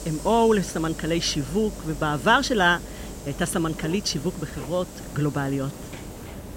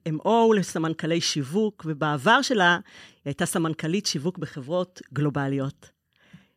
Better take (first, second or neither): second